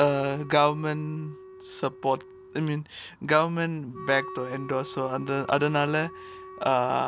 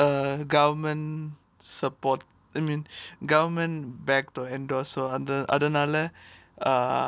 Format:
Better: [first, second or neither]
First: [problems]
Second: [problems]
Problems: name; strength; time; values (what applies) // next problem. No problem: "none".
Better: second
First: background sound (Wind instrument, woodwind instrument); 16 dB below the speech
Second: none